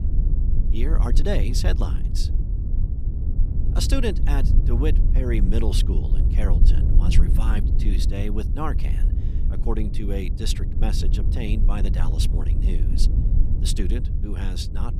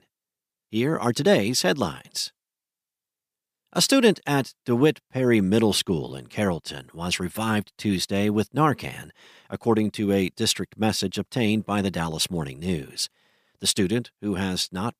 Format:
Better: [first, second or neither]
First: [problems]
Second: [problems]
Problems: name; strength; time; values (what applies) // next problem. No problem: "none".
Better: second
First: low rumble; loud; throughout; 7 dB below the speech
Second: none